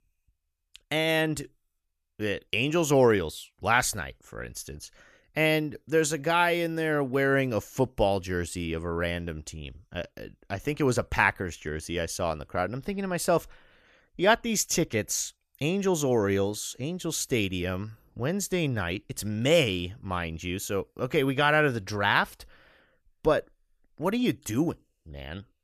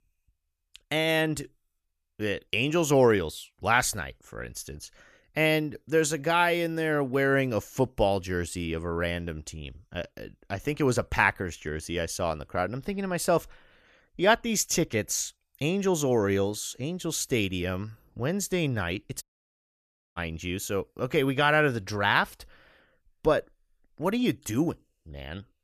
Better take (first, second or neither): first